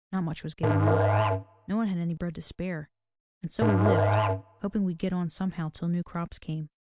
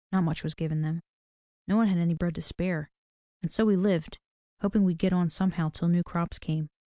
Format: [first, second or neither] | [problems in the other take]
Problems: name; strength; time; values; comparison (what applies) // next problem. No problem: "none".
second | background sound (Musical instrument); 4 dB above the speech